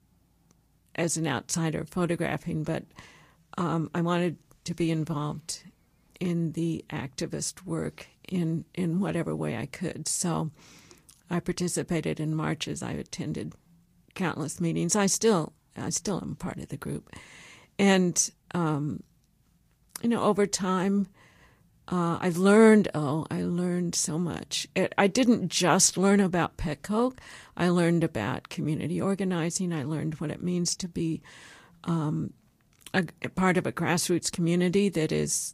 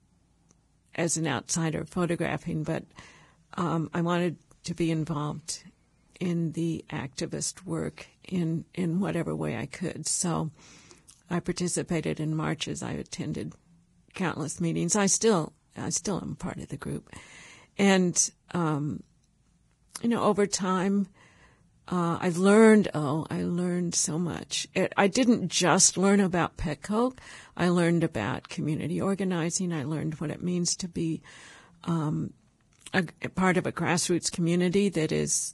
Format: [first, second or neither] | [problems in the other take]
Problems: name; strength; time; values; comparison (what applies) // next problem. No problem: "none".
first | garbled, watery; badly; nothing above 10.5 kHz; slightly in the first